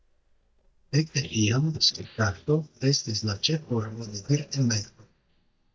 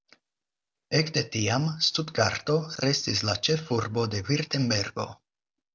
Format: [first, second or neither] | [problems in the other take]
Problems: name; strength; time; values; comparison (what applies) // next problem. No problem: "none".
second | noise reduction (neural mask model DeepFilterNet 3)